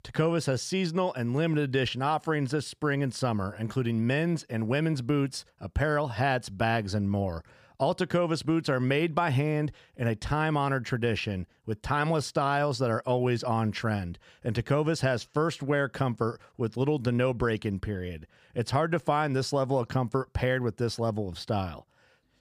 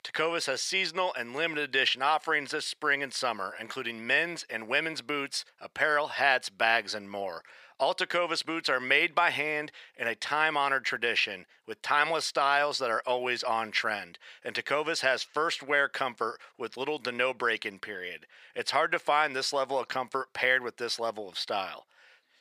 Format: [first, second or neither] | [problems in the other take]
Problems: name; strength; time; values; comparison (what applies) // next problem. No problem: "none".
first | thin; very; fading below 600 Hz